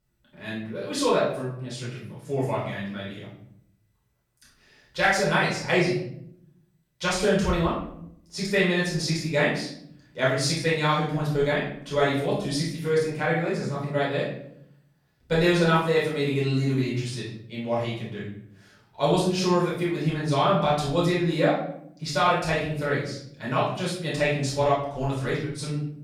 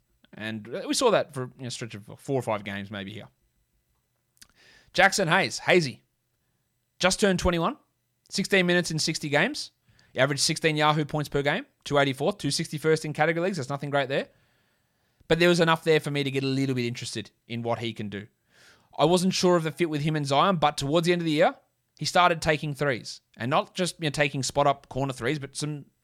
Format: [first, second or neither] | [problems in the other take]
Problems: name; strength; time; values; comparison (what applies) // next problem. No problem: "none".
second | off-mic speech; far // room echo; noticeable; dies away in 0.7 s